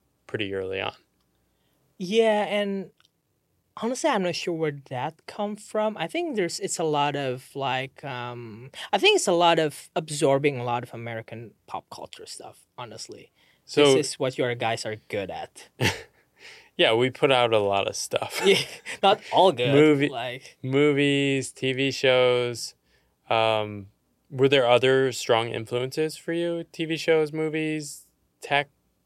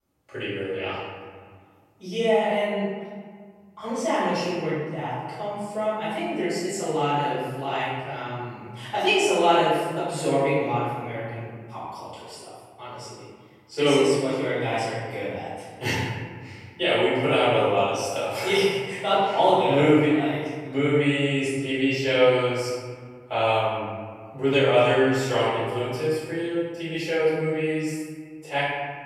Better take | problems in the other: first | off-mic speech; far // room echo; strong; dies away in 1.6 s

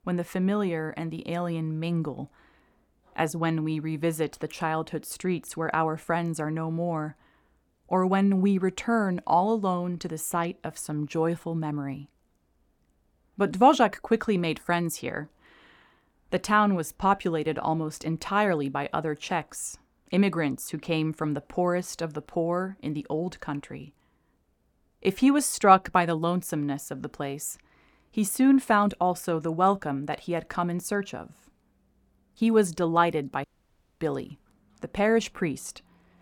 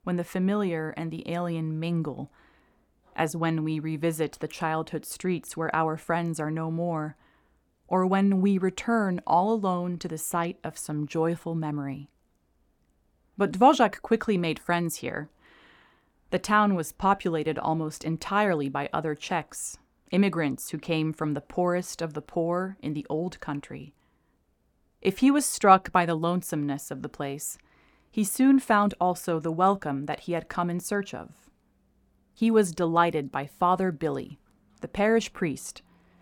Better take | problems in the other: second | audio cutting out; at 33 s for 0.5 s

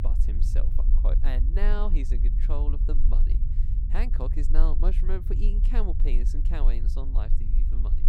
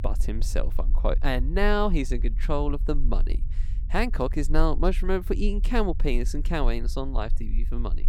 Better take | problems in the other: second | low rumble; loud; throughout; 8 dB below the speech; faint in the second

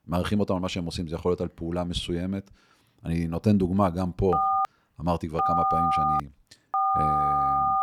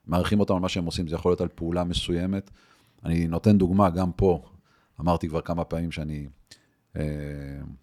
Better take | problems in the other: second | phone ringing; loud; from 4.5 s on; peak 5 dB above the speech

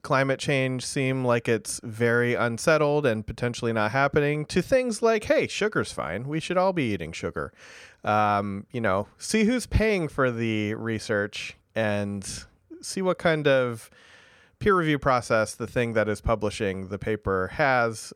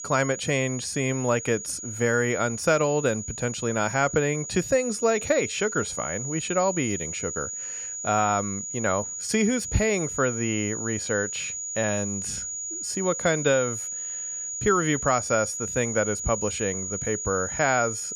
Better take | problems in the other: first | high-pitched whine; loud; throughout; 7 kHz, 5 dB below the speech

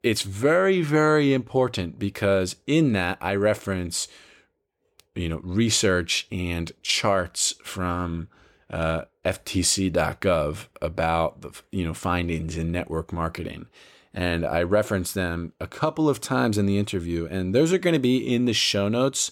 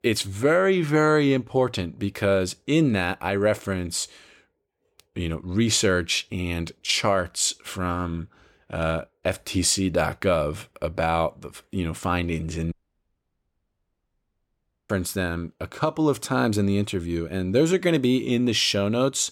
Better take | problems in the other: first | audio cutting out; at 13 s for 2 s

